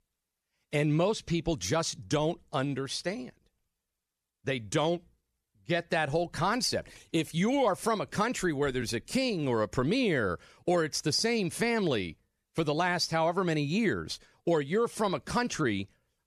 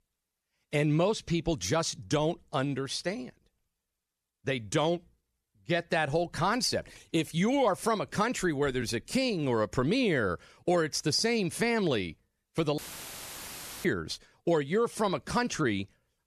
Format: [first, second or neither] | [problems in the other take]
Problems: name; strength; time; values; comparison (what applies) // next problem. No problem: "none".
first | audio cutting out; filled with static; at 13 s for 1 s